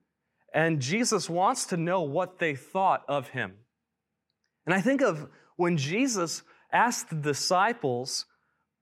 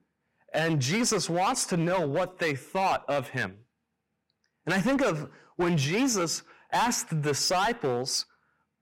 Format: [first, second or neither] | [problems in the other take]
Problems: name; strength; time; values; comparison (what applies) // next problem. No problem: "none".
first | distortion; heavy; 12% of the sound clipped